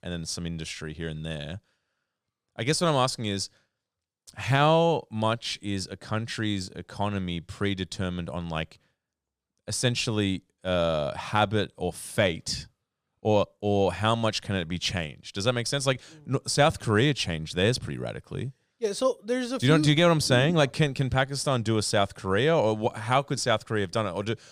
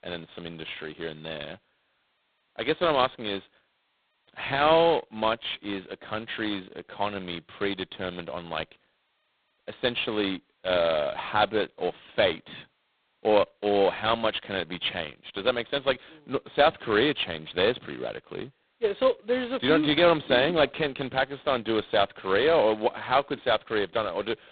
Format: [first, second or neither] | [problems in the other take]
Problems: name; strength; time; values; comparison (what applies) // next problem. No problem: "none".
first | phone-call audio; poor line; nothing above 4 kHz